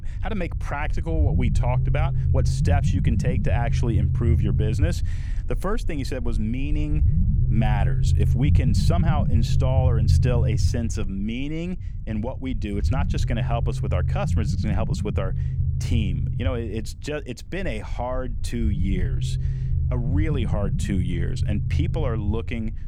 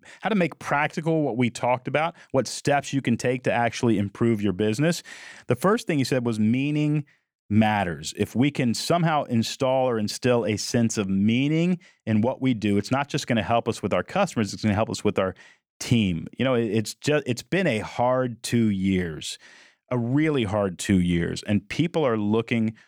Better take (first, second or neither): second